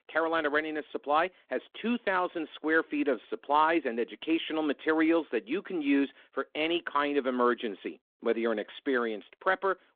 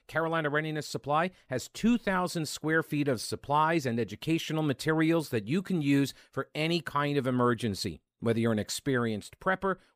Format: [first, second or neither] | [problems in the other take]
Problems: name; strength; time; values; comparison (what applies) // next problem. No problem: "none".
second | phone-call audio